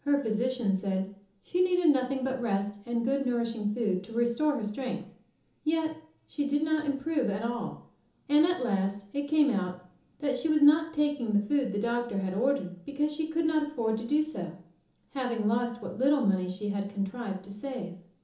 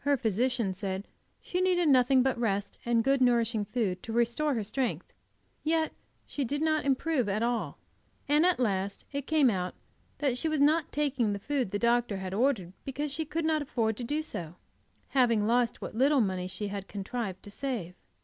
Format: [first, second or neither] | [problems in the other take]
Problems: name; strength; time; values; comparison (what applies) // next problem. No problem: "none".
second | room echo; dies away in 1.2 s